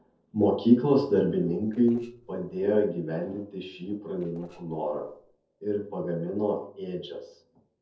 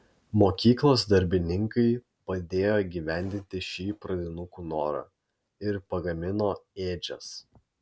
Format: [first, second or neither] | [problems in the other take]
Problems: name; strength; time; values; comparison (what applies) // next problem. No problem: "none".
second | noise reduction (neural separator model SepFormer DNS4)